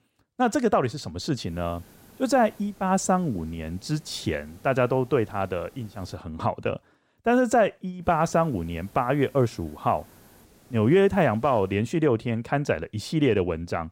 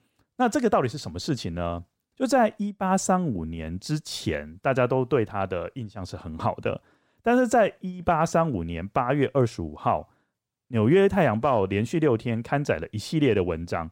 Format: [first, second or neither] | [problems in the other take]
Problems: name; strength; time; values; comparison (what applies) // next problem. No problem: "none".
second | hiss; faint; from 1.5 to 6 s and from 8 to 12 s; 30 dB below the speech